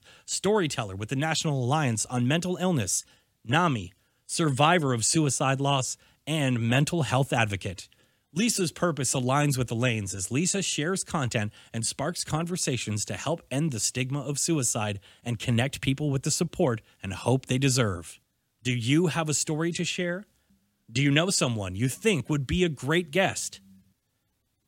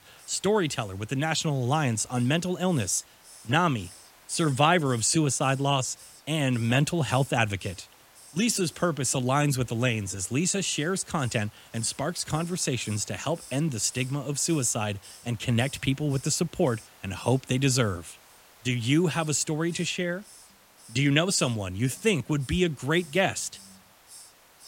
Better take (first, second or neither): first